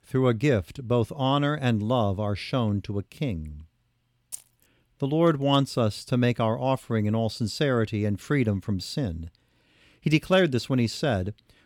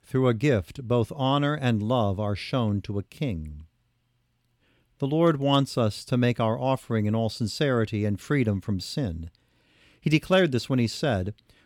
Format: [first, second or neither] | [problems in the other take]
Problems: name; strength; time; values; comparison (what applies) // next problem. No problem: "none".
second | jangling keys; faint; at 4.5 s; peak 15 dB below the speech